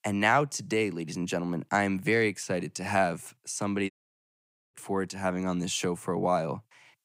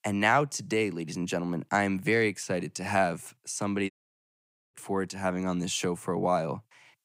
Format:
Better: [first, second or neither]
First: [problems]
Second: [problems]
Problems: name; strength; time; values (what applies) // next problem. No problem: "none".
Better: neither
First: audio cutting out; at 4 s for 1 s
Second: audio cutting out; at 4 s for 1 s